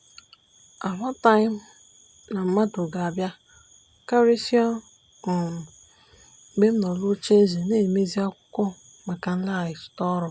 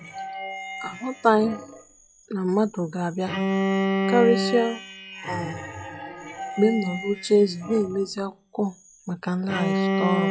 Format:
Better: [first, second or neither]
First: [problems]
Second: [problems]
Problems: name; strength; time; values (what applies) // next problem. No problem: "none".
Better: first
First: none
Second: noise reduction (classical method log-MMSE)